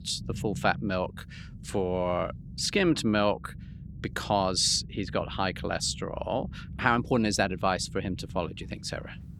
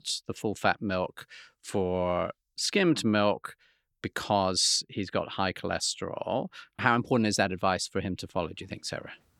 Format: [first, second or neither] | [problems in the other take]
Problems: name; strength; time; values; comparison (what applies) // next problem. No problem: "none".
second | low rumble; faint; throughout; 25 dB below the speech